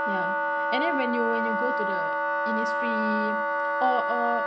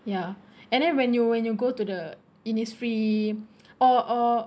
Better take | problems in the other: second | background sound (Wind instrument, woodwind instrument); 4 dB above the speech

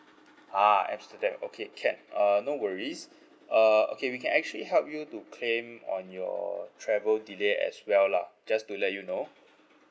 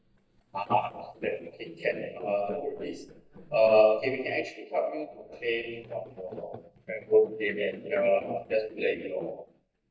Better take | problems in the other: first | noise reduction (neural mask model DeepFilterNet 3)

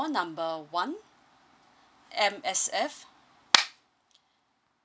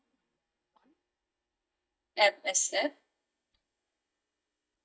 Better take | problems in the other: first | noise reduction (neural mask model DeepFilterNet 3)

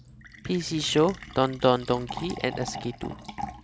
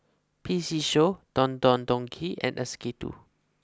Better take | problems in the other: second | background sound (Fill (with liquid)); 12 dB below the speech

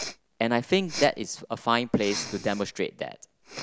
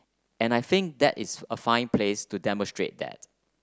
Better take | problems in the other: second | background sound (Respiratory sounds); 12 dB below the speech

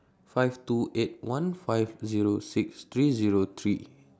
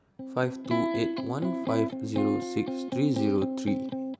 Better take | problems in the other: first | background sound (Electric guitar); 1 dB below the speech

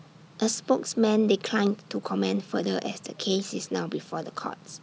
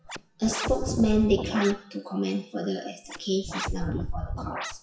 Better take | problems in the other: first | noise reduction (classical method WPE with log-MMSE)

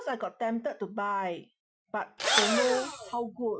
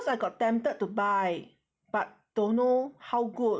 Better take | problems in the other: second | noise reduction (classical method Wiener filter)

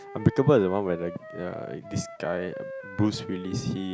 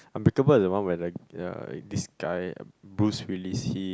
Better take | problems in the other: second | background sound (Wind instrument, woodwind instrument); 14 dB below the speech

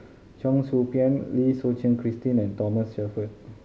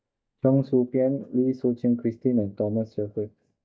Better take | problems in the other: first | noise reduction (neural mask model DeepFilterNet 3)

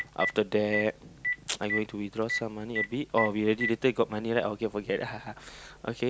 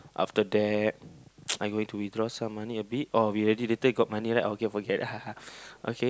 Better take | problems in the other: second | background sound (Telephone); 7 dB below the speech

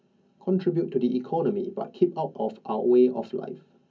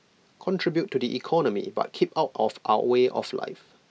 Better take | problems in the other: second | room echo; dies away in 0.3 s

